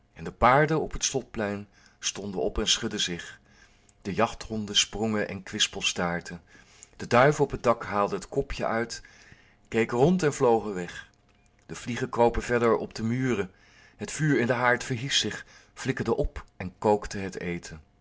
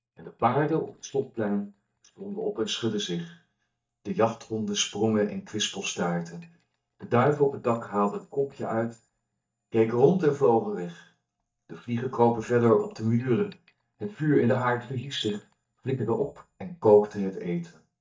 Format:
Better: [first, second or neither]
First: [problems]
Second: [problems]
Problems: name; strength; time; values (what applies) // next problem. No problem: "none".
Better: first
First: none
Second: noise reduction (neural mask model DeepFilterNet 3)